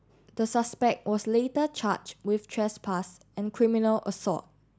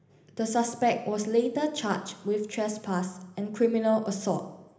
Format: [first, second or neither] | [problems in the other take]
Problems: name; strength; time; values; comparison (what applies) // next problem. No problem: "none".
first | room echo; dies away in 0.8 s